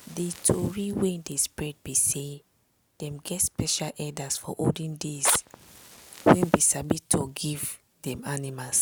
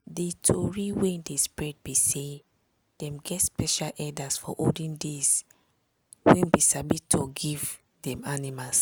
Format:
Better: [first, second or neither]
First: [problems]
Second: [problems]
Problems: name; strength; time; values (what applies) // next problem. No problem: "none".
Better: second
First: background sound (Fire); 15 dB below the speech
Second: none